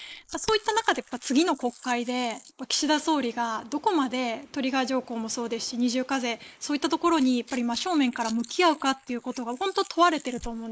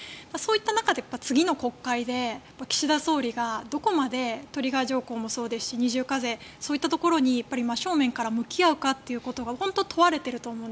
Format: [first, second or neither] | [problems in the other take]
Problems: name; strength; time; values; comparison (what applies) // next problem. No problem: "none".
second | noise reduction (neural mask model Resemble Enhance denoiser)